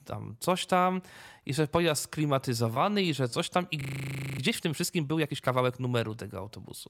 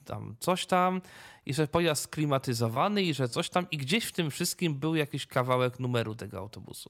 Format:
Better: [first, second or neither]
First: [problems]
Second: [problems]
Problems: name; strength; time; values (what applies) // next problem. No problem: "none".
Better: second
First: audio freezing; at 4 s for 0.5 s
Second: none